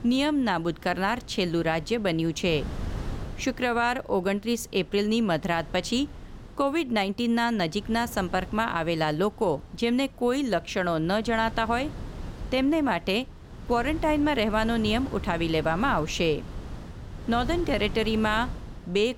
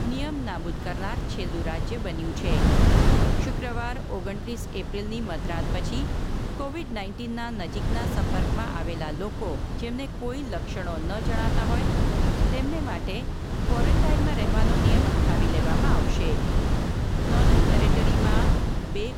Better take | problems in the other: first | wind noise on the microphone; heavy; 2 dB above the speech; occasional gusts in the first

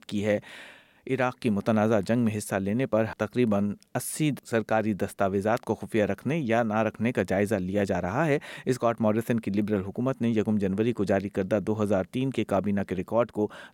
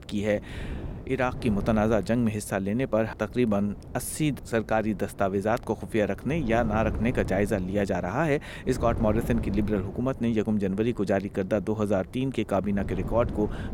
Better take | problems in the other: first | wind noise on the microphone; occasional gusts; 15 dB below the speech

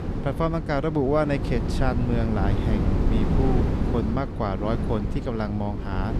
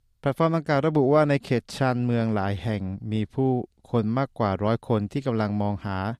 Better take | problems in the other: second | wind noise on the microphone; heavy; 5 dB below the speech

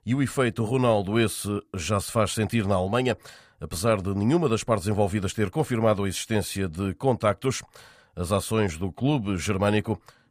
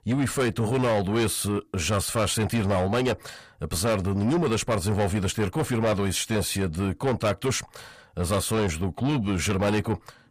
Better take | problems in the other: first | distortion; heavy; 7 dB below the speech

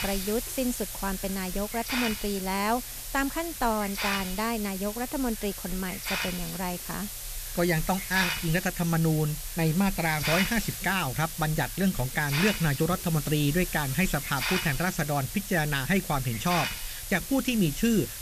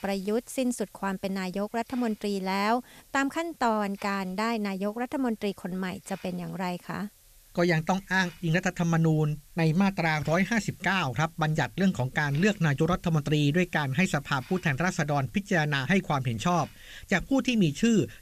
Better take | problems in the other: second | hiss; loud; throughout; 5 dB below the speech; faint in the second

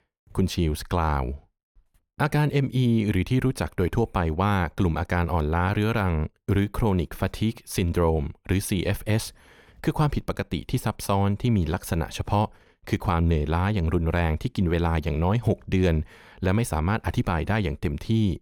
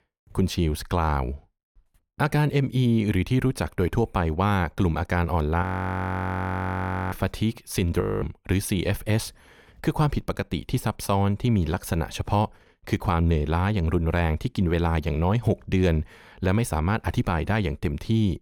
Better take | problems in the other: first | audio freezing; at 5.5 s for 1.5 s and at 8 s

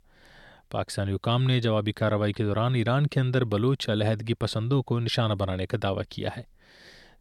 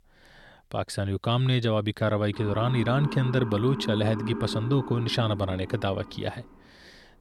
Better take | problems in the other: first | siren; noticeable; from 2.5 to 6.5 s; peak 6 dB below the speech

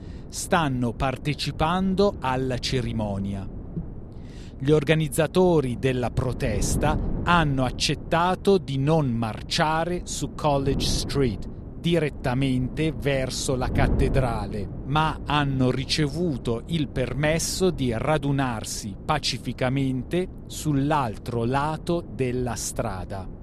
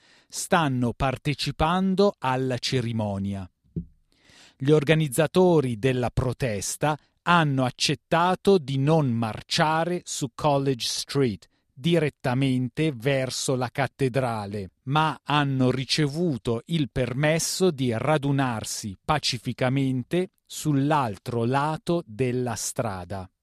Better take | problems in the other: second | wind noise on the microphone; occasional gusts; 15 dB below the speech

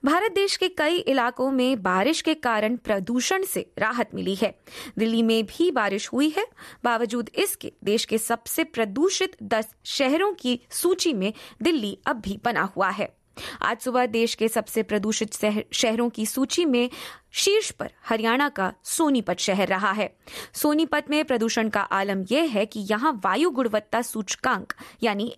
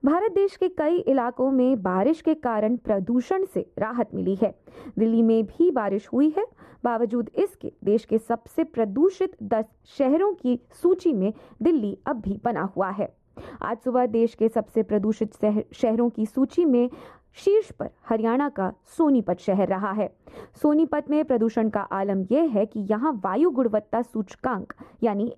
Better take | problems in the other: first | muffled; very; fading above 1.5 kHz

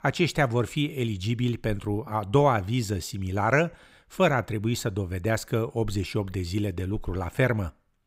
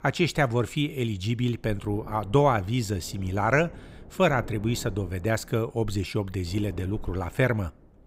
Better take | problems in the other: first | wind noise on the microphone; occasional gusts; 25 dB below the speech

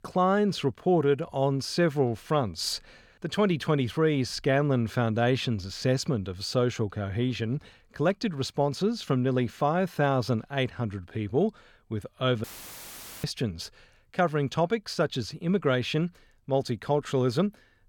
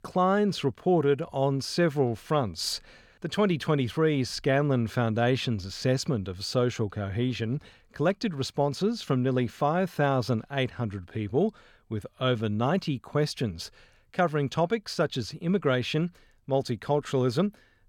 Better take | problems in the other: second | audio cutting out; filled with static; at 12 s for 1 s

